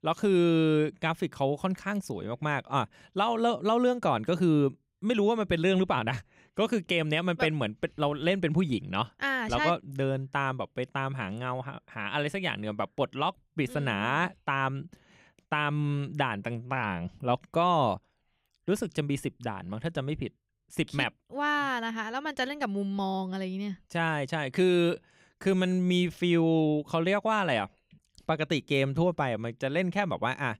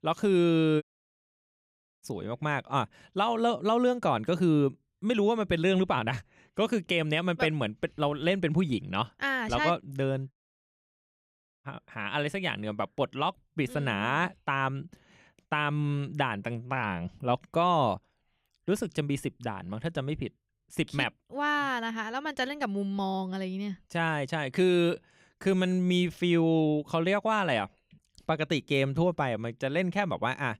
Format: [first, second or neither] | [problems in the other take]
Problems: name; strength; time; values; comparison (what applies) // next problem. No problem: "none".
first | audio cutting out; at 1 s for 1 s and at 10 s for 1.5 s